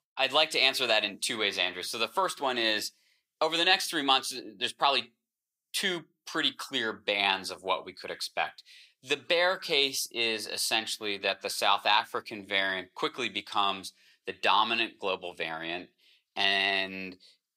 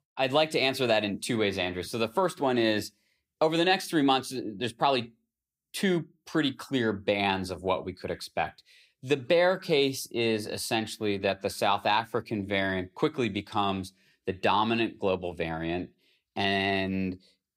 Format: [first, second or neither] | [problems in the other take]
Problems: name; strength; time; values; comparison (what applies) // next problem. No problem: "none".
second | thin; somewhat; fading below 1 kHz